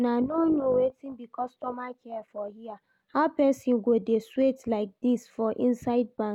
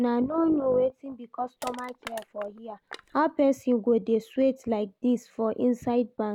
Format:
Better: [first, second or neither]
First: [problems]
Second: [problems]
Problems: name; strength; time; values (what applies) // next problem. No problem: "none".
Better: first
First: none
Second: background sound (Crushing); 18 dB below the speech